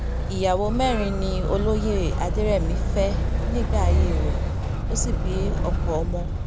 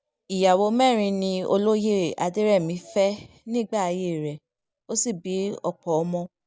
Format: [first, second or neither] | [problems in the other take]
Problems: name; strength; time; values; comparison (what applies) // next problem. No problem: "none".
second | background sound (Motor vehicle (road)); 4 dB above the speech